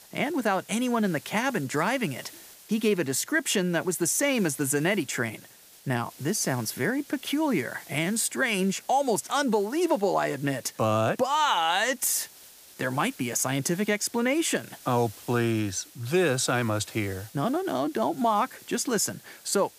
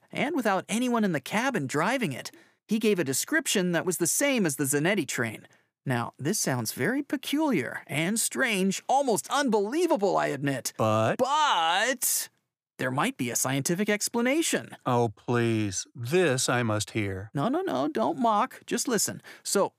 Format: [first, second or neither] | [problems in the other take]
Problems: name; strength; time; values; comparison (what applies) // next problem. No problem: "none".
second | hiss; faint; throughout; 20 dB below the speech